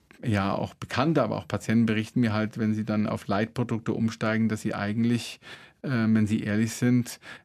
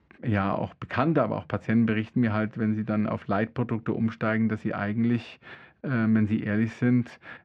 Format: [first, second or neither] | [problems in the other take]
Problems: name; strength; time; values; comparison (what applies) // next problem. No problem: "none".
first | muffled; very; fading above 2 kHz